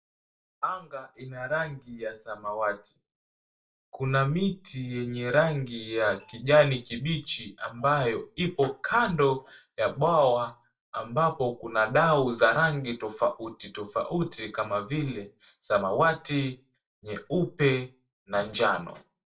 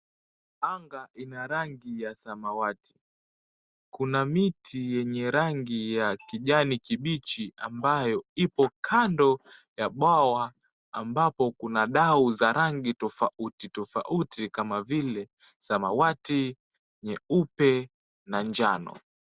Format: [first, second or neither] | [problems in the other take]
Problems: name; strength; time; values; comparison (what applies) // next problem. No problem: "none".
second | room echo; dies away in 0.2 s